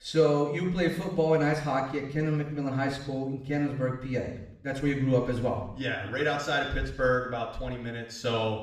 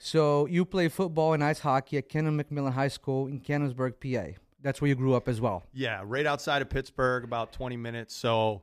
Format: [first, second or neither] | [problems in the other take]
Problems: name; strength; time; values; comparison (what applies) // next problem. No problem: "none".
second | room echo; noticeable; dies away in 0.7 s // off-mic speech; far